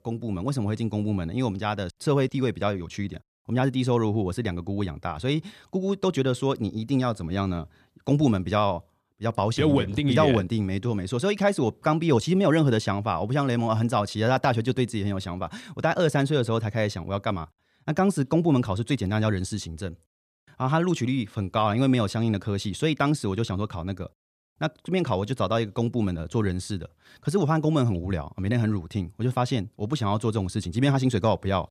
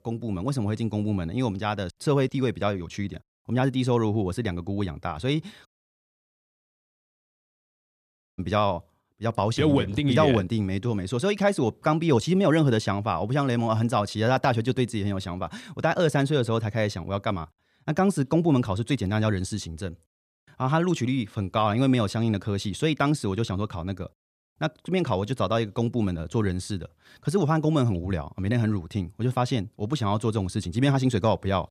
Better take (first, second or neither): first